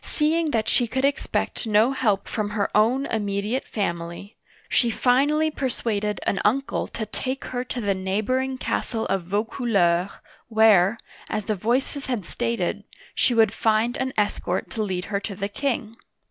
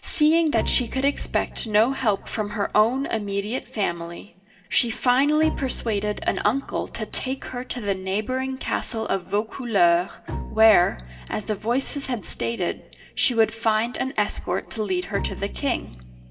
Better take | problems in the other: first | background sound (Bowed string instrument); 15 dB below the speech // room echo; dies away in 0.9 s

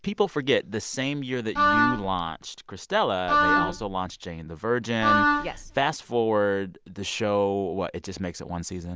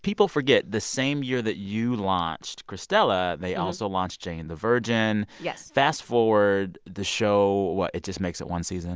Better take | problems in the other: second | background sound (Wind instrument, woodwind instrument); 3 dB above the speech

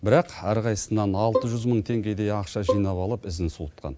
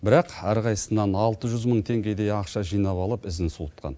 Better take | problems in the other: second | background sound (Bowed string instrument); 5 dB below the speech

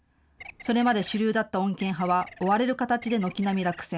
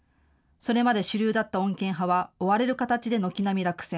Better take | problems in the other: second | background sound (Bird); 19 dB below the speech

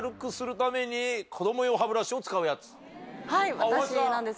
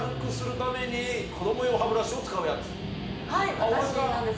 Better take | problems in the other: first | background sound (Guitar); 7 dB below the speech // room echo; dies away in 0.7 s

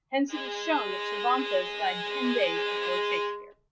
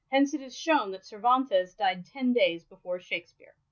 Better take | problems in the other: second | background sound (Bowed string instrument); 1 dB below the speech

